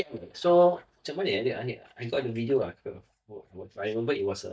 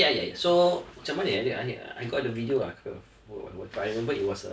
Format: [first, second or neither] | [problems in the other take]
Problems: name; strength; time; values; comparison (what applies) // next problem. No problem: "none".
second | noise reduction (neural mask model DeepFilterNet 3)